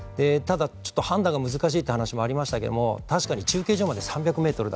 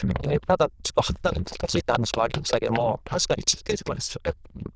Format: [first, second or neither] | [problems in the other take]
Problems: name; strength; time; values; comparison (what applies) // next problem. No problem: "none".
first | noise reduction (neural diffusion model UNIVERSE++)